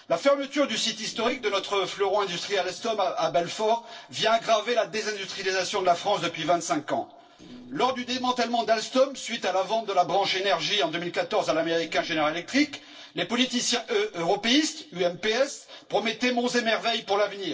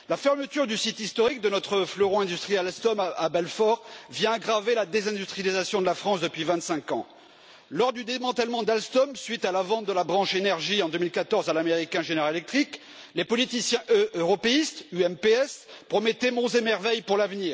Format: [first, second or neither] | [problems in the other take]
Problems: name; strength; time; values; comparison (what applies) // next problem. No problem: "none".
second | noise reduction (neural separator model SepFormer DNS4)